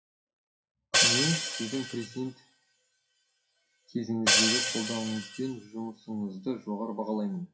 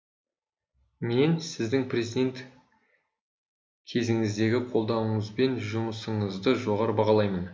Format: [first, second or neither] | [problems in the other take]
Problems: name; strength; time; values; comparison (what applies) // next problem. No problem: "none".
second | noise reduction (classical method WPE with log-MMSE)